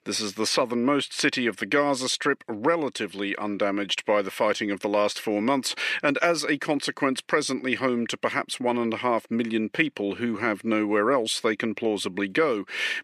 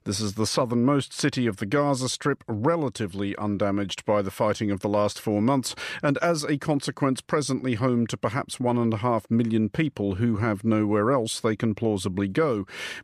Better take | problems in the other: second | thin; very slightly; fading below 300 Hz

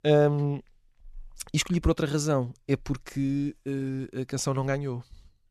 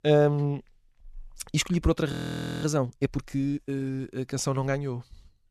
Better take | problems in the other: first | audio freezing; at 2 s for 0.5 s

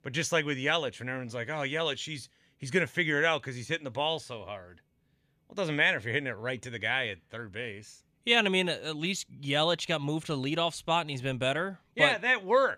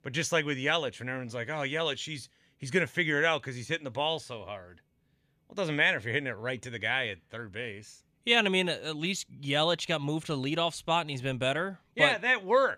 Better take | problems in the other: neither | none

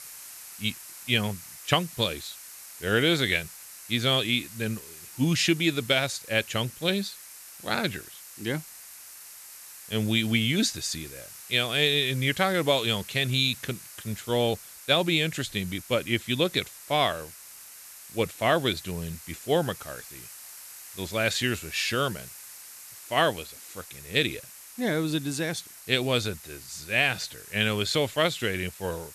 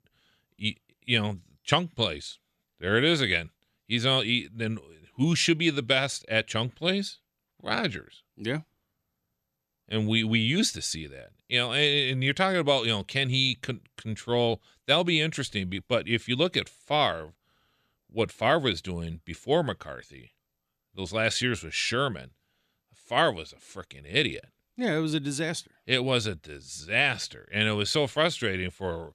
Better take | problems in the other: second | hiss; noticeable; throughout; 15 dB below the speech

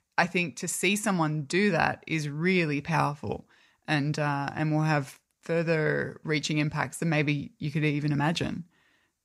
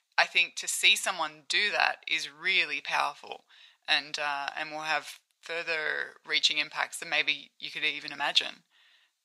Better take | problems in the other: first | thin; very; fading below 900 Hz

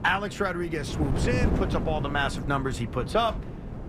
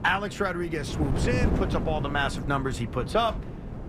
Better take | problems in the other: neither | wind noise on the microphone; heavy; 10 dB below the speech; the same in both

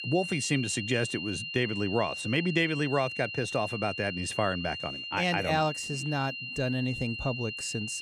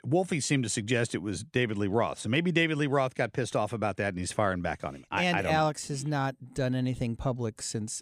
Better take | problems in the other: second | high-pitched whine; loud; throughout; 3 kHz, 5 dB below the speech

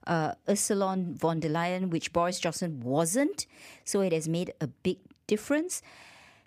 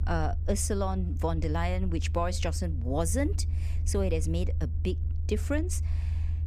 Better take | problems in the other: first | low rumble; noticeable; throughout; 15 dB below the speech

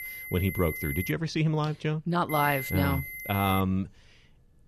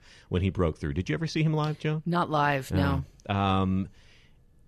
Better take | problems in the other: second | high-pitched whine; loud; until 1 s and from 2.5 to 3.5 s; 2 kHz, 7 dB below the speech

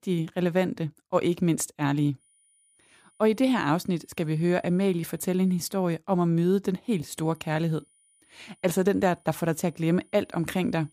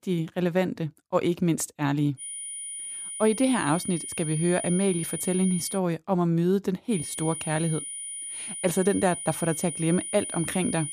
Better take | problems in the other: first | high-pitched whine; loud; from 2 to 6 s and from 7 s on; 9.5 kHz, 6 dB below the speech; faint in the first

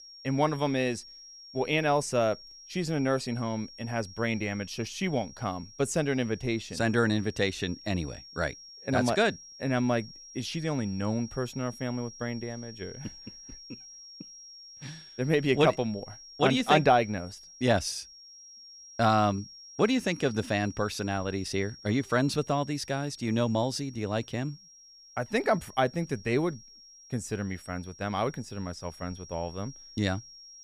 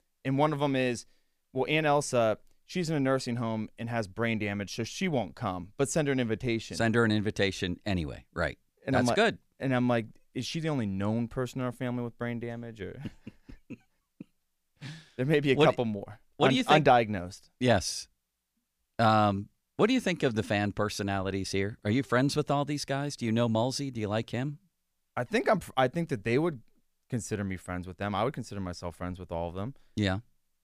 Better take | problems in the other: second | high-pitched whine; noticeable; throughout; 5.5 kHz, 15 dB below the speech

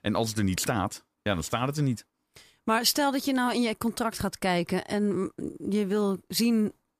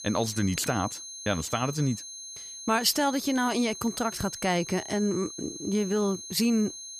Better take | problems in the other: first | high-pitched whine; noticeable; throughout; 6.5 kHz, 10 dB below the speech

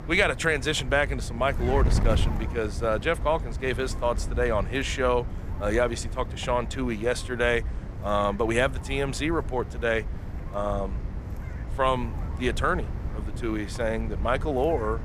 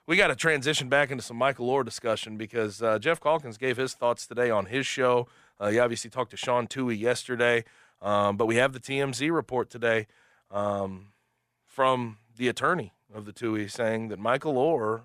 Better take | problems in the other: second | wind noise on the microphone; occasional gusts; 15 dB below the speech

